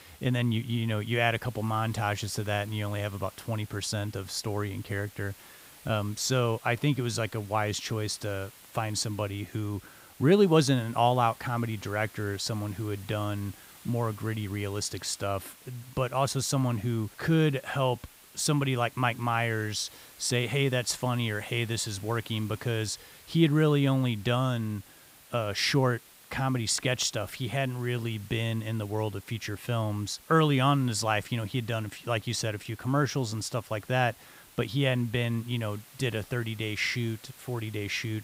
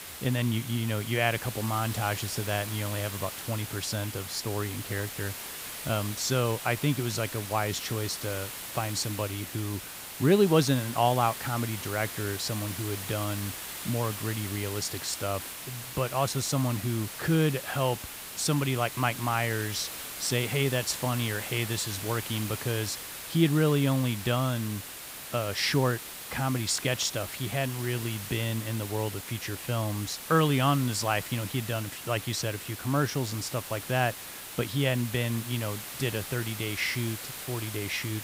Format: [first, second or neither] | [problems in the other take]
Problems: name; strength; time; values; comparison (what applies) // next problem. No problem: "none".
first | hiss; loud; throughout; 8 dB below the speech; faint in the first